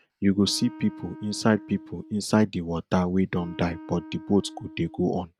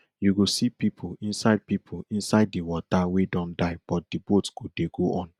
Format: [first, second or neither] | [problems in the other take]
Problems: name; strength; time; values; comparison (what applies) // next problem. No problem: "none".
second | background sound (Wind instrument, woodwind instrument); 18 dB below the speech